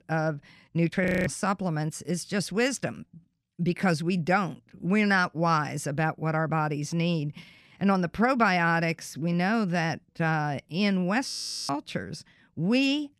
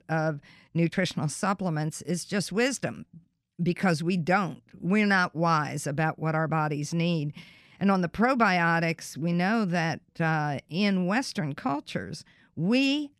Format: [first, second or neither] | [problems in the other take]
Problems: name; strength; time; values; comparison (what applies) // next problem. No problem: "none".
second | audio freezing; at 1 s and at 11 s